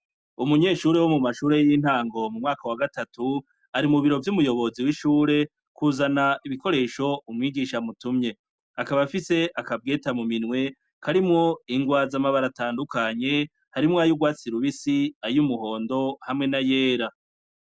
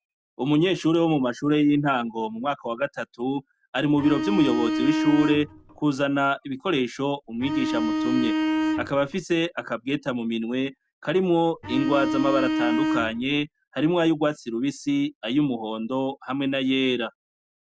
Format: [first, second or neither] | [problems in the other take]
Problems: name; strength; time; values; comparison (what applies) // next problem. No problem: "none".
first | background sound (Bowed string instrument); 1 dB below the speech